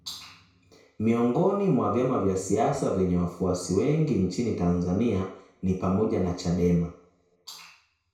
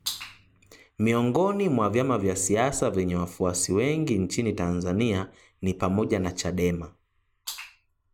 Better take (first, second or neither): second